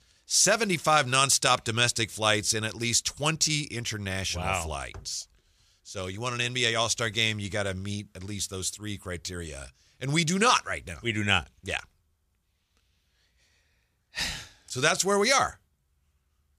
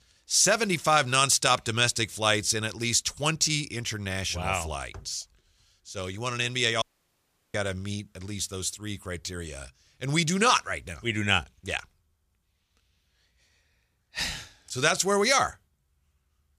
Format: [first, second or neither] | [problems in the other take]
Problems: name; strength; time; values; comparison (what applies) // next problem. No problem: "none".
first | audio cutting out; at 7 s for 0.5 s